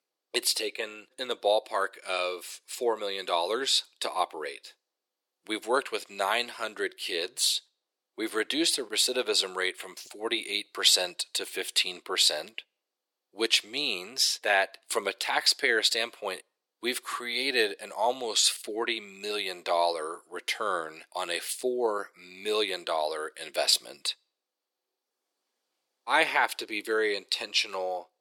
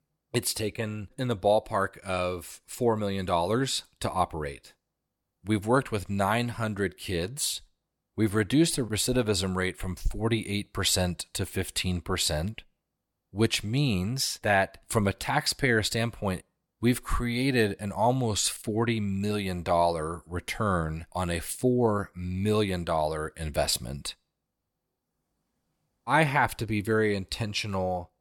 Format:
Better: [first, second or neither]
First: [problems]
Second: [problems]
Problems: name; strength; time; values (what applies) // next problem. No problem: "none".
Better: second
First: thin; very; fading below 400 Hz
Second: none